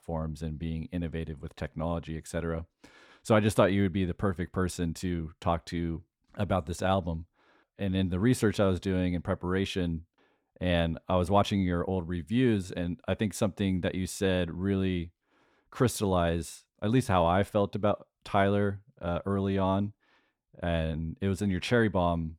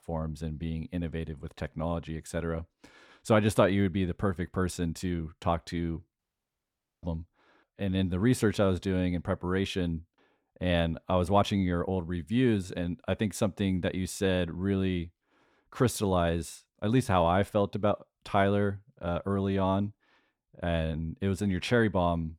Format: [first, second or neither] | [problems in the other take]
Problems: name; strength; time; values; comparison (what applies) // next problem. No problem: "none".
first | audio cutting out; at 6 s for 1 s